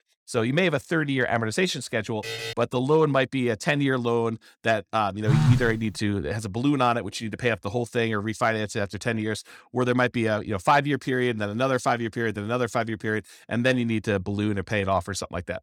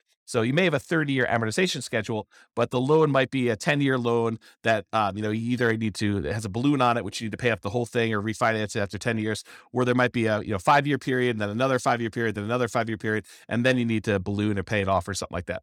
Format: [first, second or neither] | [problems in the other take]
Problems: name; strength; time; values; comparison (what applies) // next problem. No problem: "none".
second | alarm; noticeable; at 2 s; peak 6 dB below the speech // phone ringing; loud; at 5.5 s; peak 4 dB above the speech